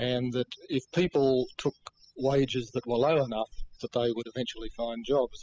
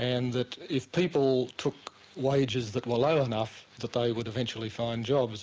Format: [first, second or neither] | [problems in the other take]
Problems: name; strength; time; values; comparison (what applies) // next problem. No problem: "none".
second | noise reduction (classical method spectral subtraction)